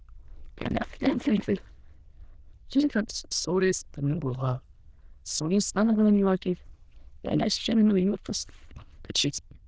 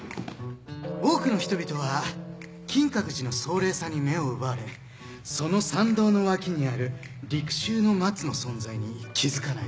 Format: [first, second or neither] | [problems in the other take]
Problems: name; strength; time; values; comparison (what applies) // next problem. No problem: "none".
second | noise reduction (neural diffusion model UNIVERSE++)